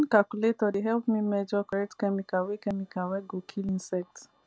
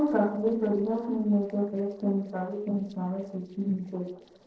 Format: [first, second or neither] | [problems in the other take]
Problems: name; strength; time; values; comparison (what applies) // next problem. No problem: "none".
first | noise reduction (neural separator model SepFormer DNS4)